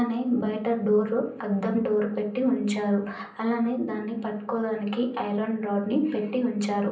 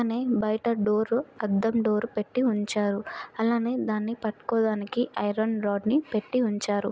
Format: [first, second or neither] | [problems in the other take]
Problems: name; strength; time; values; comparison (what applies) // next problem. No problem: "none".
second | room echo; dies away in 0.6 s